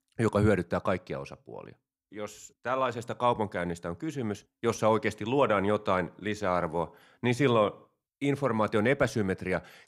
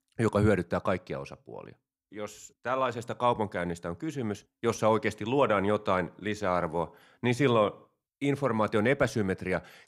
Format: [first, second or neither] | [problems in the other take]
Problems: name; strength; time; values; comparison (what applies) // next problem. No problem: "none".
neither | none